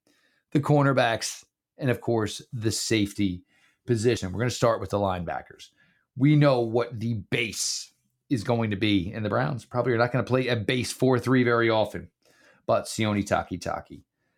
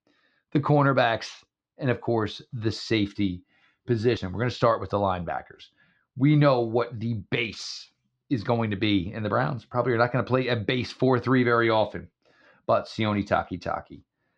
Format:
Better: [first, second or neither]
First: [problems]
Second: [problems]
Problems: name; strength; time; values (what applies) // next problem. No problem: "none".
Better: first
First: none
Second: muffled; very slightly; fading above 4.5 kHz